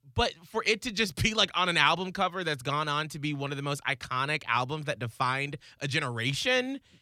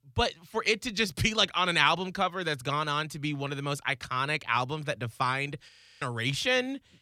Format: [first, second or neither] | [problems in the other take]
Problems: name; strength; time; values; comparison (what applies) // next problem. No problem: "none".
first | audio freezing; at 5.5 s